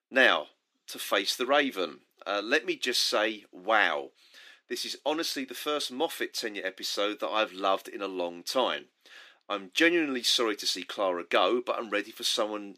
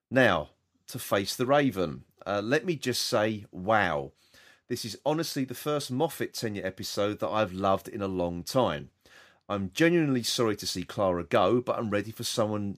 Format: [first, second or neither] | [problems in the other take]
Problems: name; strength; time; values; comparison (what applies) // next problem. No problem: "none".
second | thin; somewhat; fading below 300 Hz